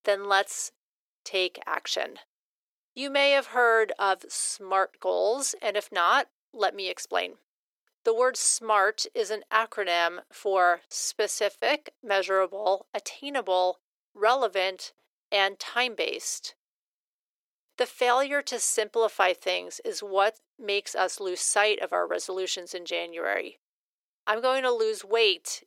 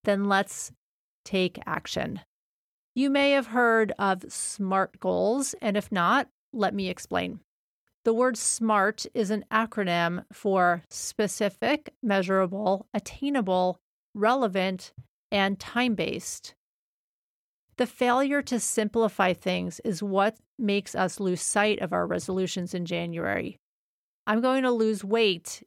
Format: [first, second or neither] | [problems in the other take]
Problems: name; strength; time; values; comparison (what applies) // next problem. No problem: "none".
second | thin; very; fading below 400 Hz